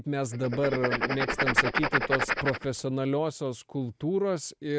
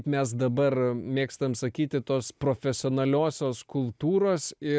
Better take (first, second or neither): second